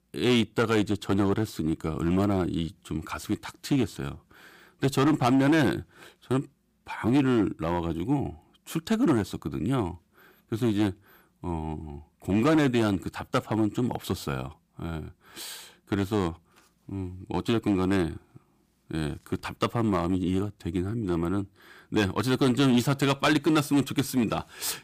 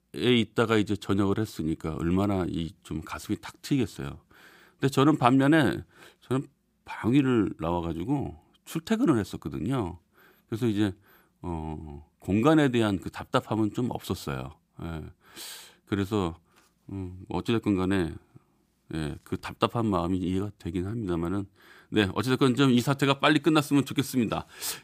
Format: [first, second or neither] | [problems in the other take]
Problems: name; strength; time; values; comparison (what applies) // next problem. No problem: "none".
second | distortion; slight; 4% of the sound clipped